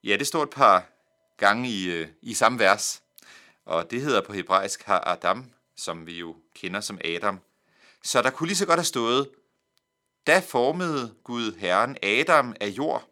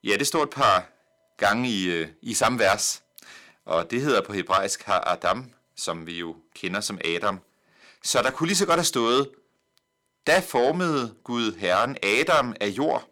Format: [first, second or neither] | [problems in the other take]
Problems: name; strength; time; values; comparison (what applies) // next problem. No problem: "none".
first | distortion; heavy; 8 dB below the speech